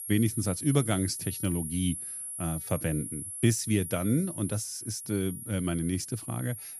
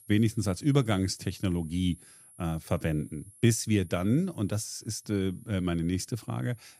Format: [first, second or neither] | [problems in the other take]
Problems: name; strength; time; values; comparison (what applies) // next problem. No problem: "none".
second | high-pitched whine; loud; throughout; 11 kHz, 6 dB below the speech; faint in the second